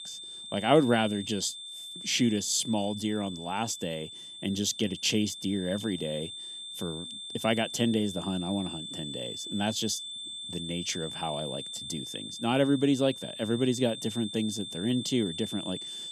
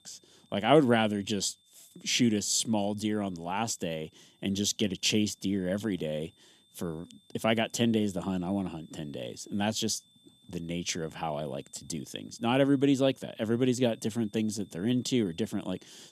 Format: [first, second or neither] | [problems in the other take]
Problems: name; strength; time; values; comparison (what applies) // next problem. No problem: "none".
second | high-pitched whine; loud; throughout; 3.5 kHz, 8 dB below the speech; faint in the second